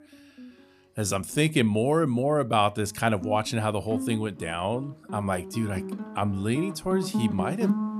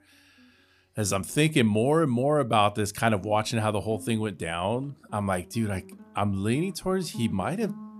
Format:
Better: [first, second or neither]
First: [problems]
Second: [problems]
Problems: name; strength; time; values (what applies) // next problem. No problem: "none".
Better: second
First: background music; loud; throughout; 8 dB below the speech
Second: background music; faint; throughout; 20 dB below the speech